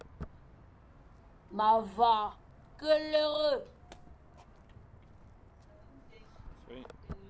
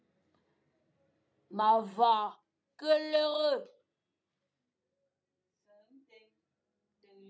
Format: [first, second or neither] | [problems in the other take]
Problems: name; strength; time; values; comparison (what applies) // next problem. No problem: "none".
second | background sound (Walk, footsteps); 17 dB below the speech